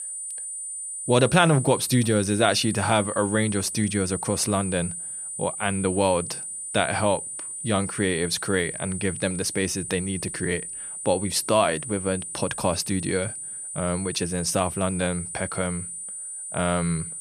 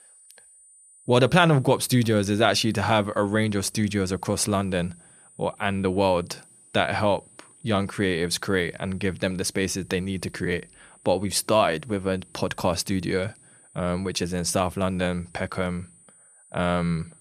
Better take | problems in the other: second | high-pitched whine; loud; throughout; 9 kHz, 7 dB below the speech; faint in the second

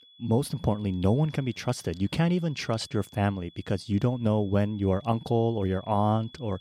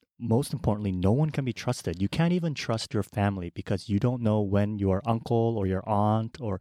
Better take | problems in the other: second | high-pitched whine; faint; throughout; 3.5 kHz, 25 dB below the speech

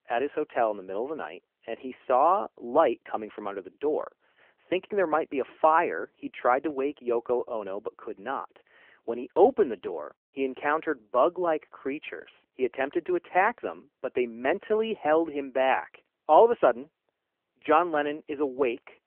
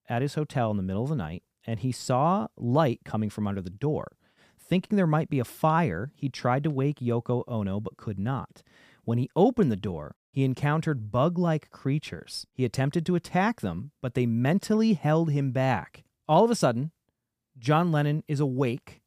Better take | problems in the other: second | phone-call audio; nothing above 3 kHz

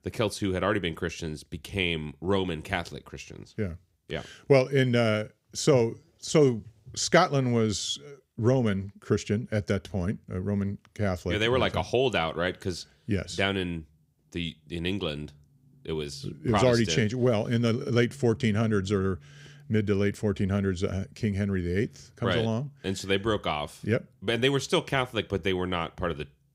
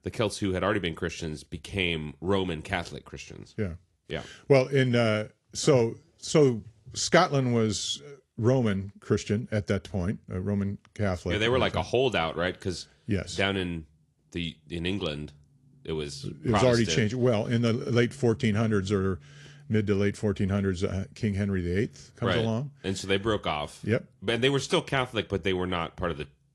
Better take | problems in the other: first | garbled, watery; slightly

